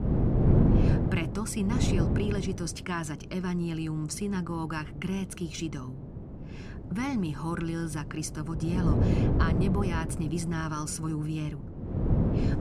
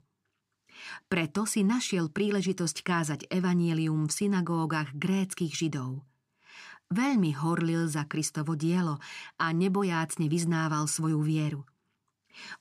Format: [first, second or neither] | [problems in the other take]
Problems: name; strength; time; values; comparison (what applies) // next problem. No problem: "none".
second | wind noise on the microphone; heavy; 1 dB above the speech